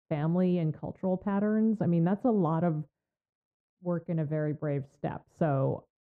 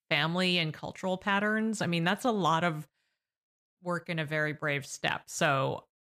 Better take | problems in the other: second | muffled; very; fading above 1.5 kHz

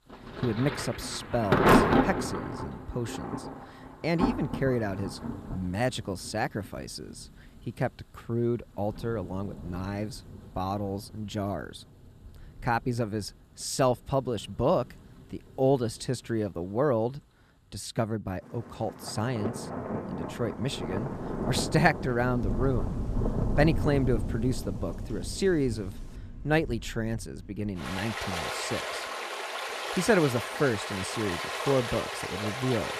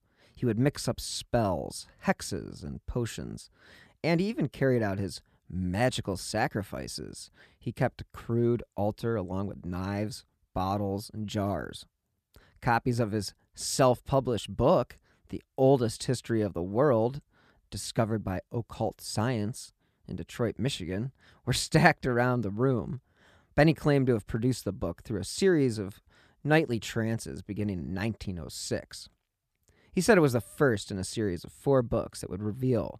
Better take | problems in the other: second | rain or running water; loud; throughout; 2 dB below the speech

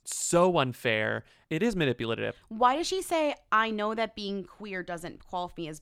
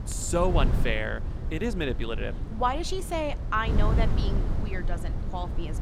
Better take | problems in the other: first | wind noise on the microphone; occasional gusts; 10 dB below the speech

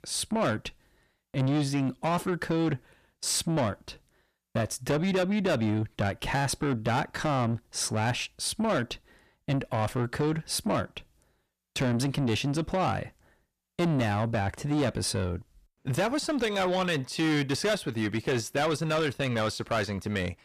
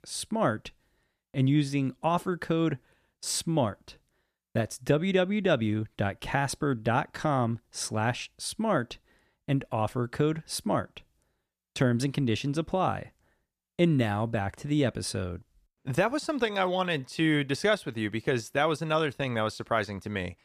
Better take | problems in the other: second | distortion; heavy; 8 dB below the speech

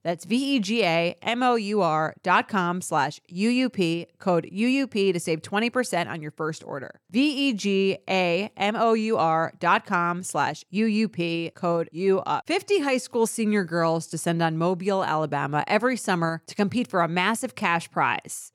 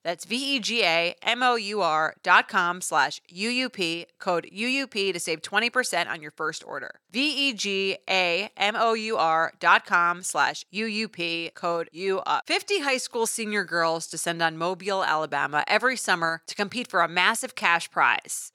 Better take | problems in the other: first | thin; somewhat; fading below 800 Hz

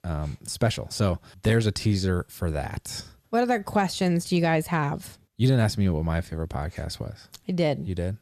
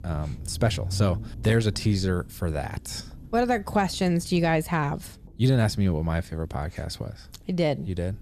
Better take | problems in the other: first | low rumble; faint; throughout; 25 dB below the speech

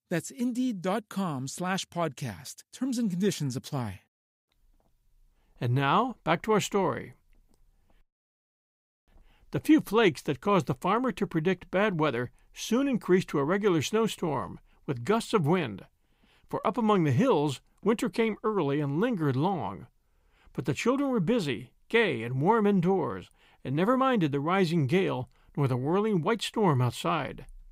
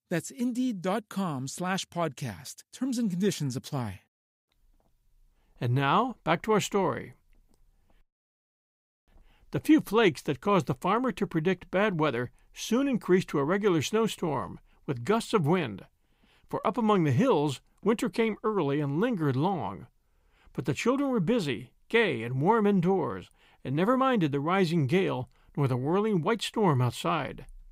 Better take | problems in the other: neither | none

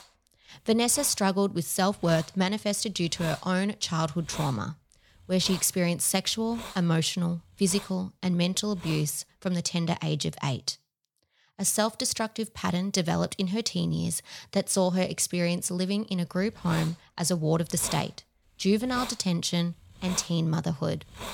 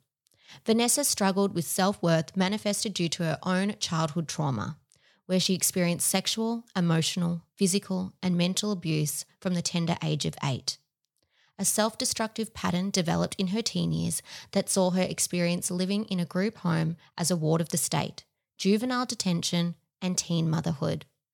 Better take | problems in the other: second | hiss; noticeable; until 9.5 s and from 16 s on; 15 dB below the speech

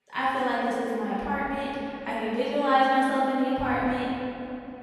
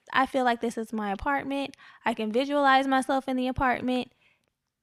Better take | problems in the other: second | off-mic speech; far // room echo; strong; dies away in 2.8 s

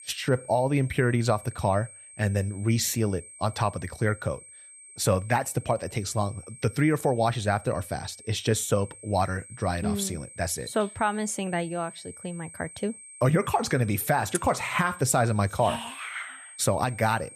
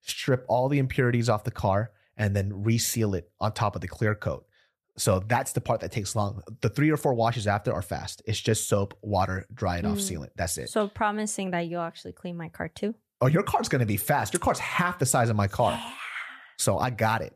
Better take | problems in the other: second | high-pitched whine; noticeable; throughout; 8.5 kHz, 15 dB below the speech

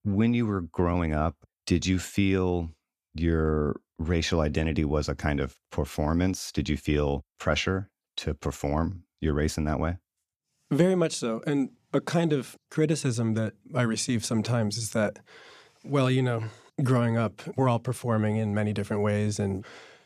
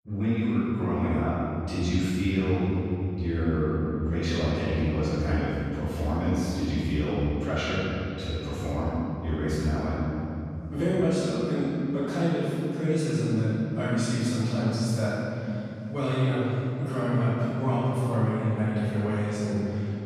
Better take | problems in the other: first | room echo; strong; dies away in 3 s // off-mic speech; far

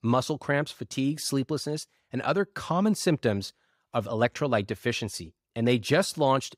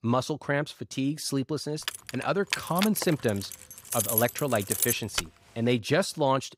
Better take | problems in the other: first | jangling keys; loud; from 2 to 5 s; peak 3 dB above the speech

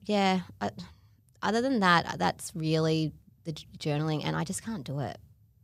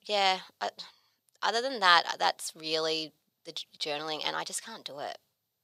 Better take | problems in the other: first | thin; very; fading below 650 Hz

